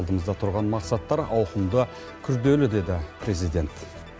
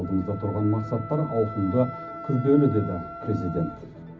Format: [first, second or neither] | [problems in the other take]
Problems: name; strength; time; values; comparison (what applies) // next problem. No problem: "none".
first | background sound (Wind instrument, woodwind instrument); 14 dB below the speech // room echo; dies away in 0.4 s